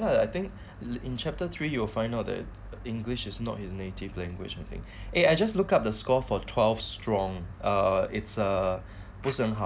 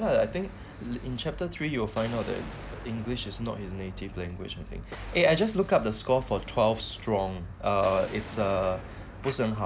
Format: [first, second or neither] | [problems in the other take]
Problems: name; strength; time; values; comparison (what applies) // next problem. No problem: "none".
first | background sound (Explosion); 17 dB below the speech